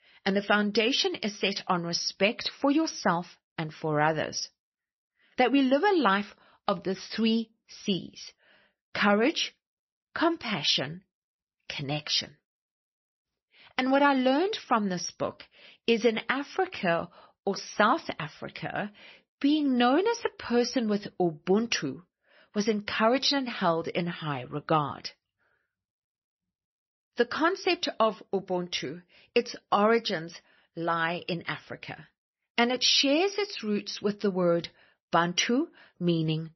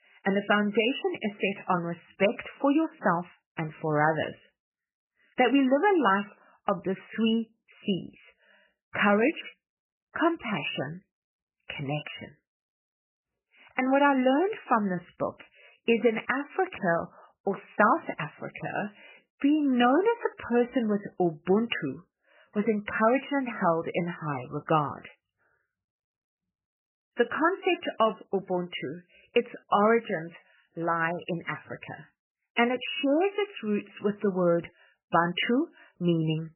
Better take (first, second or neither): first